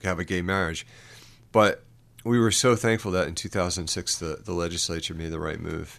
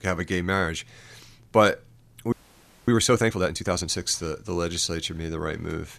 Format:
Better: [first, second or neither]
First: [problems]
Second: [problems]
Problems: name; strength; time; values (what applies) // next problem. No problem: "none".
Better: first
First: none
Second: audio freezing; at 2.5 s for 0.5 s